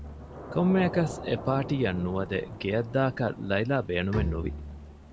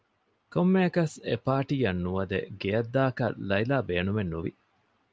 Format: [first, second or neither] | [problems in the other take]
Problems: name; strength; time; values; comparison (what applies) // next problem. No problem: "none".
second | background sound (Bowed string instrument + Thunder / Rain); 9 dB below the speech